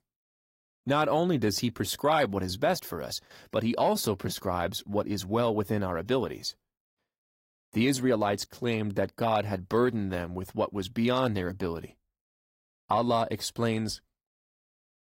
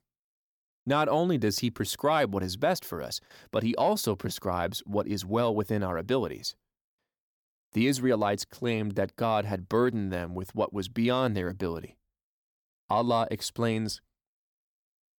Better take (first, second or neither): second